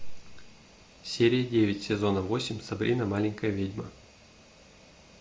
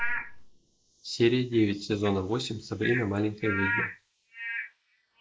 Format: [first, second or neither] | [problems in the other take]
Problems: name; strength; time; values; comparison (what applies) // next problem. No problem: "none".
first | noise reduction (neural mask model Resemble Enhance denoiser)